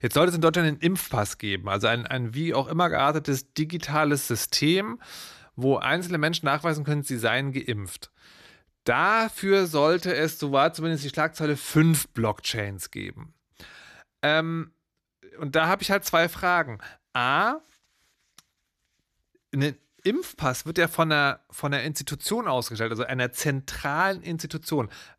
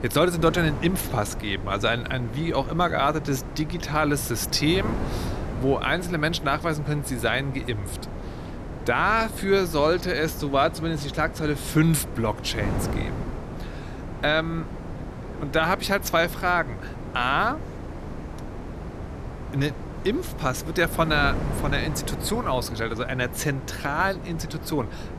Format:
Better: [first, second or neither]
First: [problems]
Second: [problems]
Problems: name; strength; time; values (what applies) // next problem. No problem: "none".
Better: first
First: none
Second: wind noise on the microphone; occasional gusts; 15 dB below the speech